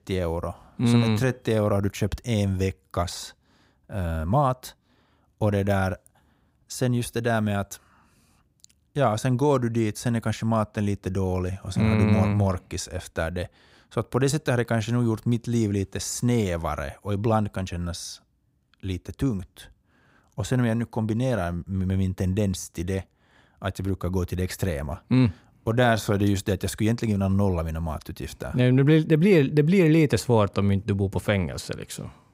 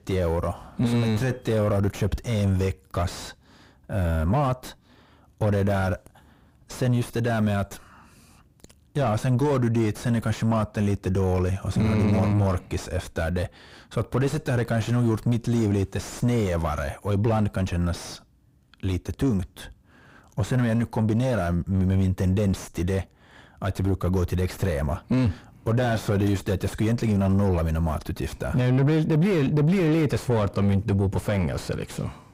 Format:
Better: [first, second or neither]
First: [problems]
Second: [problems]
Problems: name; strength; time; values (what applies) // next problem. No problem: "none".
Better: first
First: none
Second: distortion; heavy; 6 dB below the speech